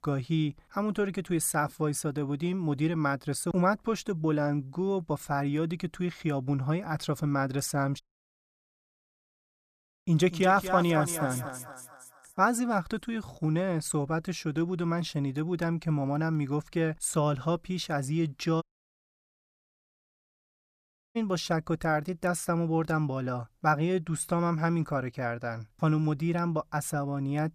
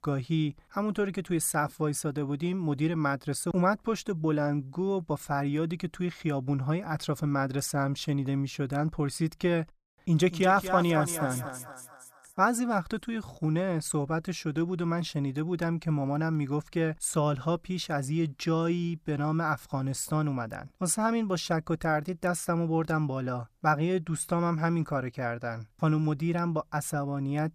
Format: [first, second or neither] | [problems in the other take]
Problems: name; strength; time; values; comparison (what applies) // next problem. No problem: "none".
second | audio cutting out; at 8 s for 2 s and at 19 s for 2.5 s